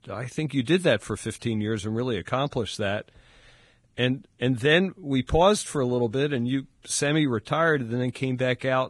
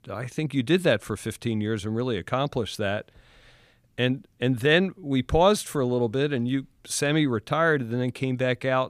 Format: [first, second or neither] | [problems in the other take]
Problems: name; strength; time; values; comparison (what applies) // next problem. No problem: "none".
second | garbled, watery; badly; nothing above 10.5 kHz